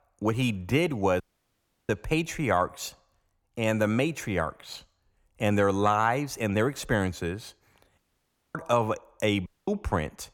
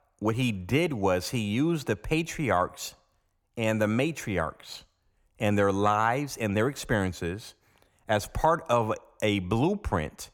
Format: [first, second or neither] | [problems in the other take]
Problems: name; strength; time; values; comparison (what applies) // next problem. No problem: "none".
second | audio cutting out; at 1 s for 0.5 s, at 8 s for 0.5 s and at 9.5 s